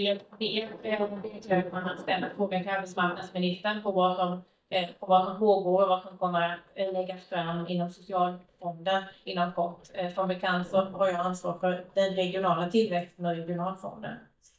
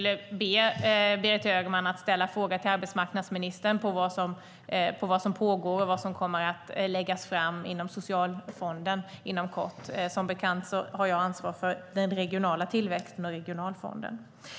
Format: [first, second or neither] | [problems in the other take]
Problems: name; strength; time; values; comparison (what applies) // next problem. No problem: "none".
second | noise reduction (neural mask model DeepFilterNet 3)